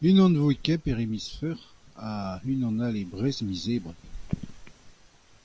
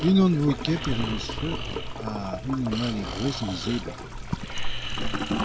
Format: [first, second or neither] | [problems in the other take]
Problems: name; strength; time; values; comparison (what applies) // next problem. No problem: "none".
first | background sound (Toilet flush / Gurgling + Breathing); 3 dB below the speech